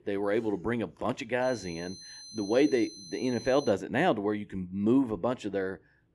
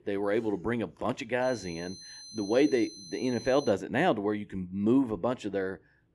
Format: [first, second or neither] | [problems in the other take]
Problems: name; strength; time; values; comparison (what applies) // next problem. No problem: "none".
neither | high-pitched whine; noticeable; from 1.5 to 3.5 s; 4 kHz, 15 dB below the speech; the same in both